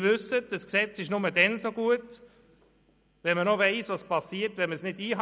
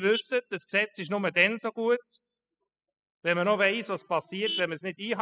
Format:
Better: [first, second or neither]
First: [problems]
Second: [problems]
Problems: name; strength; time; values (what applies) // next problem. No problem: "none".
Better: first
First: none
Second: noise reduction (classical method spectral subtraction)